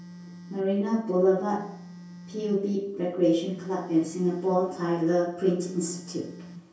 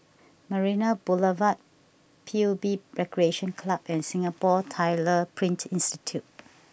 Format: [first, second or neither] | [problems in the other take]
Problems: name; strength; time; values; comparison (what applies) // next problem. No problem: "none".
second | background sound (Telephone); 18 dB below the speech // room echo; dies away in 0.6 s